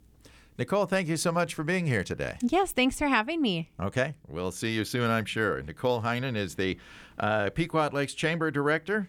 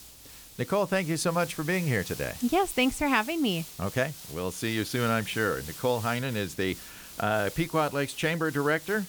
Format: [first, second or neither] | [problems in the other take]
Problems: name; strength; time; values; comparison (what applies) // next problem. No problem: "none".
first | hiss; noticeable; throughout; 15 dB below the speech